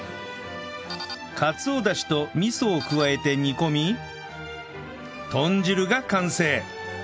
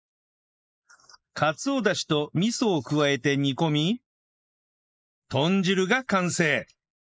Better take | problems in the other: first | noise reduction (neural mask model Resemble Enhance denoiser)

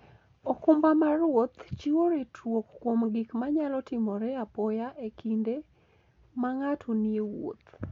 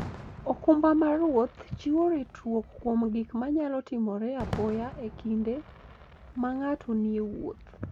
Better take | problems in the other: first | background sound (Fireworks); 15 dB below the speech

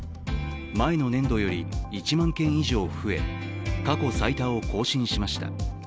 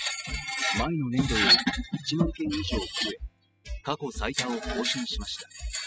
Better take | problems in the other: first | noise reduction (classical method spectral subtraction)

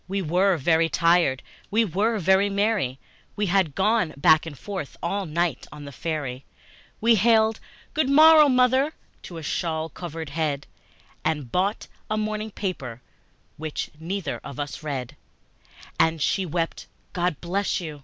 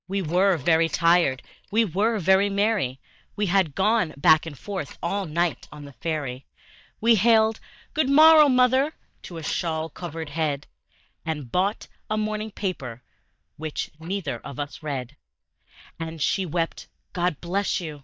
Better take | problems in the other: first | noise reduction (neural mask model DeepFilterNet 3)

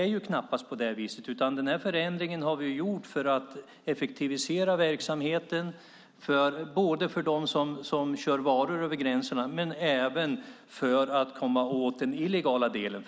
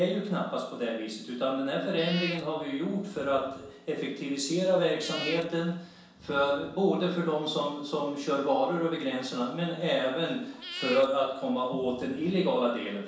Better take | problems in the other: first | background sound (Meow / Purr); 14 dB below the speech // room echo; dies away in 0.7 s

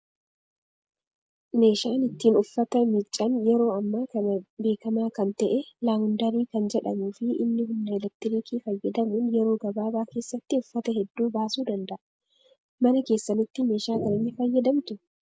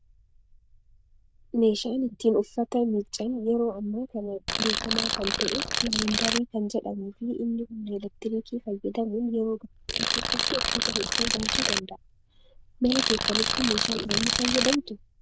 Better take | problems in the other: first | noise reduction (neural diffusion model UNIVERSE++)

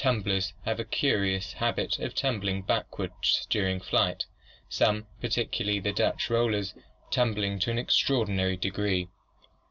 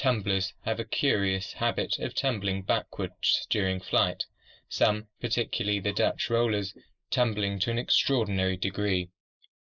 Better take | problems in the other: first | noise reduction (neural mask model Resemble Enhance denoiser)

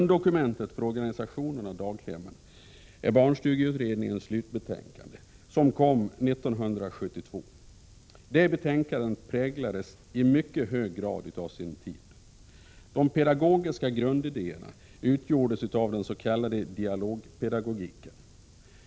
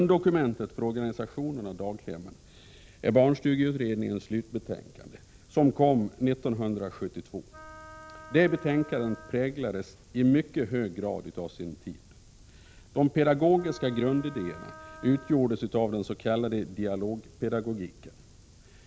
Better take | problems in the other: first | background sound (Wind instrument, woodwind instrument); 19 dB below the speech

